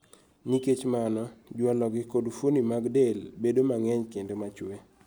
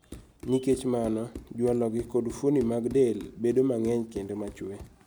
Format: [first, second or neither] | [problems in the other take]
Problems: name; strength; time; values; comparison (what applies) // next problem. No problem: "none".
first | background sound (Run); 18 dB below the speech